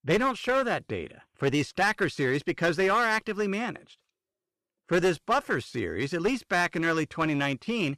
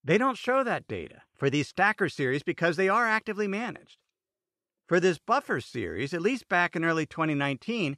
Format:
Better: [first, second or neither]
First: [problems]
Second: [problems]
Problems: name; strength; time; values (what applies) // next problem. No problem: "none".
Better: second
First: distortion; slight; 7% of the sound clipped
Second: none